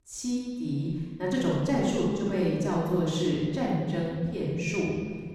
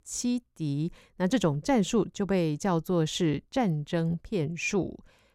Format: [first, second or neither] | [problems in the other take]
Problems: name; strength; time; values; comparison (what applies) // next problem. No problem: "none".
second | off-mic speech; far // room echo; strong; dies away in 1.9 s